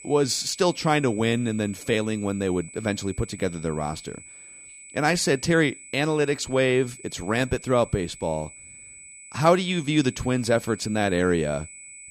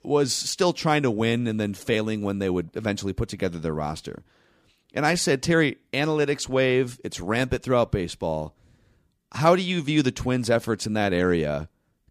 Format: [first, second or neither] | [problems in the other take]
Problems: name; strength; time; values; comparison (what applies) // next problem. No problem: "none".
second | high-pitched whine; noticeable; throughout; 8 kHz, 15 dB below the speech